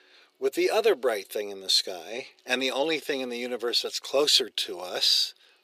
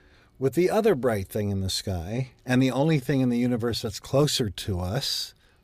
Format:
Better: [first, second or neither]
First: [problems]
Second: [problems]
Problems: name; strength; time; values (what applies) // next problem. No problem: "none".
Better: second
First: thin; very; fading below 400 Hz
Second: none